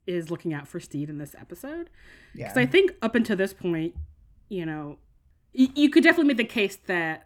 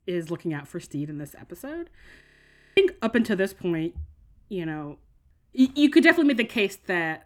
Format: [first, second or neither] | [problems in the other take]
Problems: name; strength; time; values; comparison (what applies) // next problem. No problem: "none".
first | audio freezing; at 2 s for 0.5 s